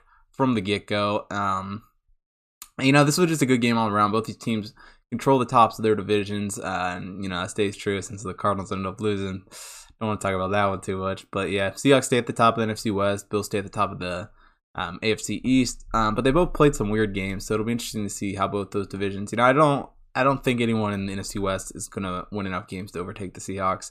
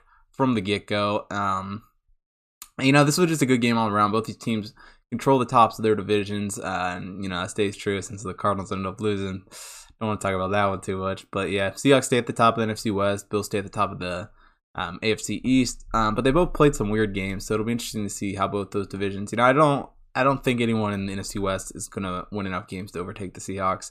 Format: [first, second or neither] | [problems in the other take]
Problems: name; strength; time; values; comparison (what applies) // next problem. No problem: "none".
neither | none